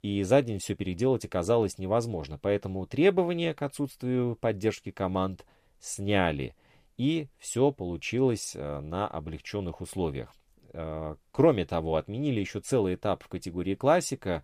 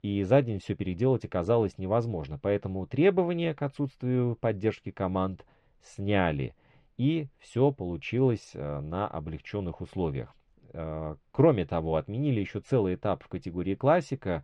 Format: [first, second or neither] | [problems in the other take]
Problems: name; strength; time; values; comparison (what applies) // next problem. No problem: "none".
first | muffled; slightly; fading above 3 kHz